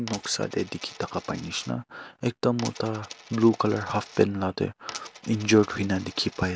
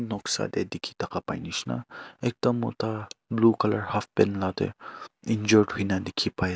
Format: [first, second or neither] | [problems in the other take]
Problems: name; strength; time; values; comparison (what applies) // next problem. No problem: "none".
second | background sound (Coin (dropping)); 17 dB below the speech